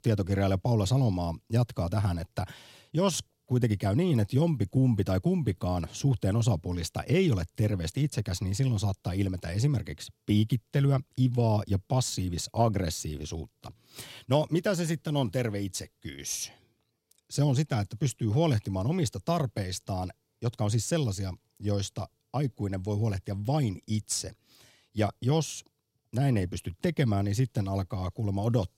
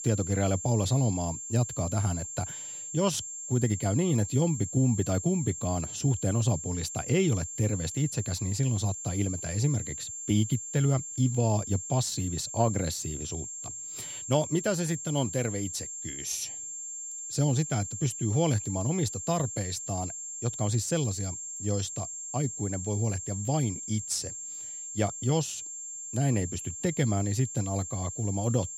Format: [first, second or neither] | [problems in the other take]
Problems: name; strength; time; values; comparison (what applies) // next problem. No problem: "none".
first | high-pitched whine; loud; throughout; 7.5 kHz, 6 dB below the speech